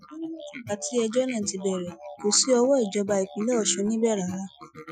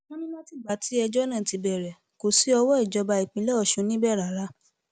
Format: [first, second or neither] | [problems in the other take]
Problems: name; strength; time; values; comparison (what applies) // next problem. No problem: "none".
second | noise reduction (classical method Wiener filter)